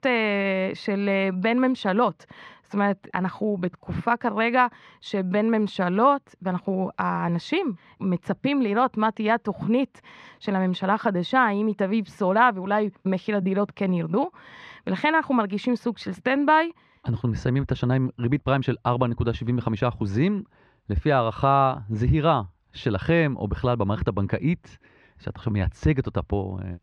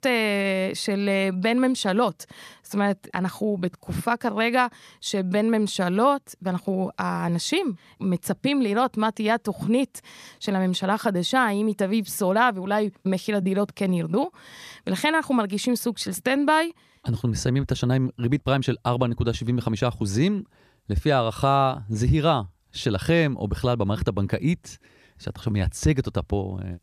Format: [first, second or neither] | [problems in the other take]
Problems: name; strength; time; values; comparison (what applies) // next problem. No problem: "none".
second | muffled; slightly; fading above 2.5 kHz